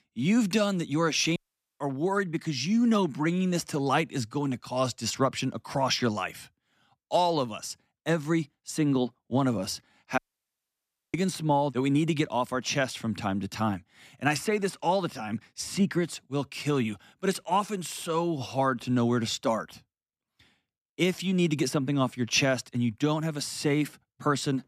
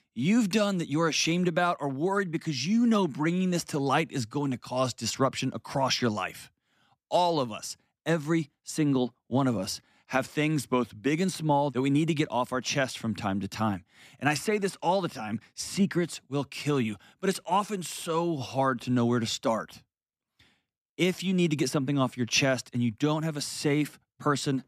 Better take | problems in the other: second | audio cutting out; at 1.5 s and at 10 s for 1 s

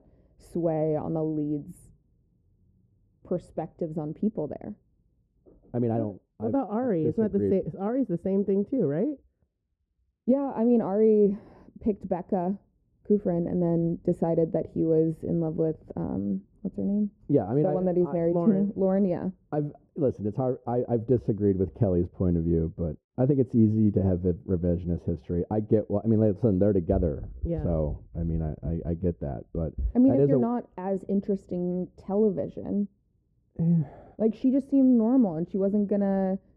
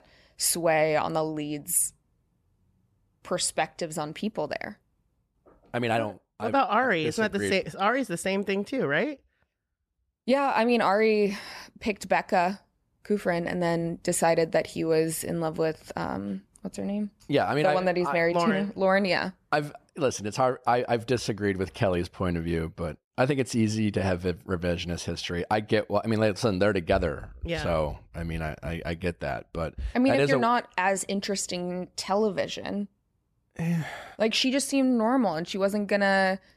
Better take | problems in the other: second | muffled; very; fading above 1 kHz

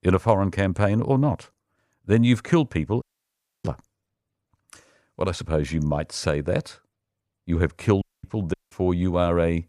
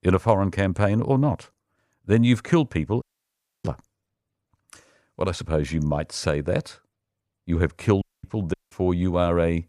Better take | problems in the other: neither | audio cutting out; at 3 s for 0.5 s, at 8 s and at 8.5 s; the same in both

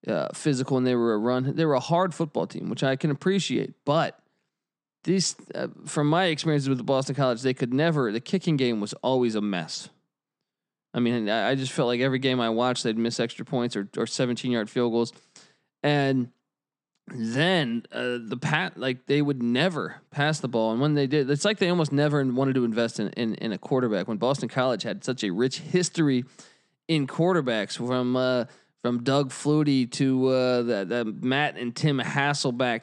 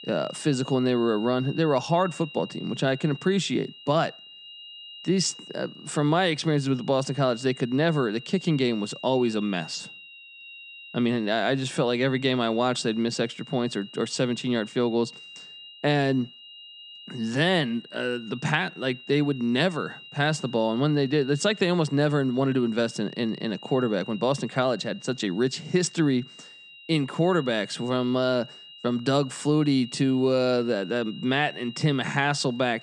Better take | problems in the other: first | high-pitched whine; noticeable; throughout; 3 kHz, 15 dB below the speech

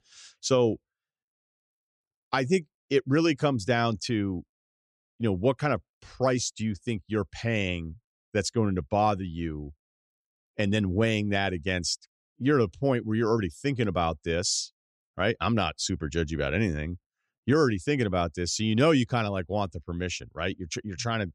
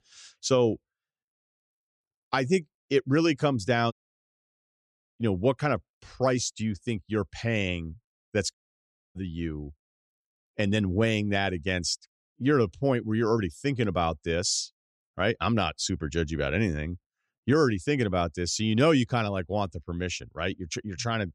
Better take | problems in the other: first | audio cutting out; at 4 s for 1 s and at 8.5 s for 0.5 s

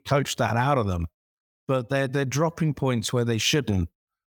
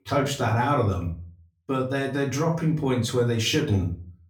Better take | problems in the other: first | room echo; slight; dies away in 0.3 s // off-mic speech; far

